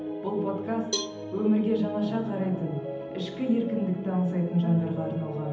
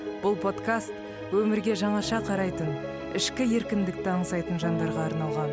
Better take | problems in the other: second | background sound (Cowbell); 12 dB below the speech // room echo; dies away in 0.8 s

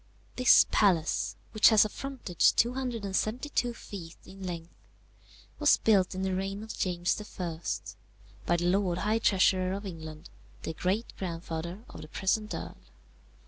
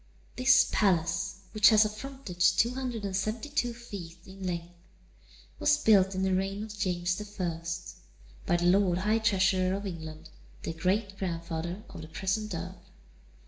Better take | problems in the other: first | room echo; dies away in 0.6 s

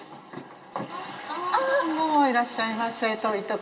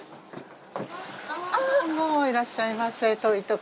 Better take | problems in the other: second | room echo; dies away in 1.9 s

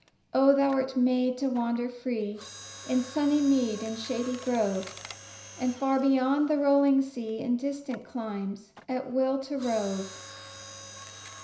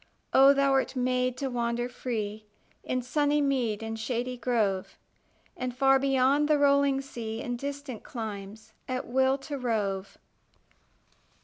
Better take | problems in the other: second | background sound (Mechanisms); 19 dB below the speech // room echo; dies away in 0.5 s

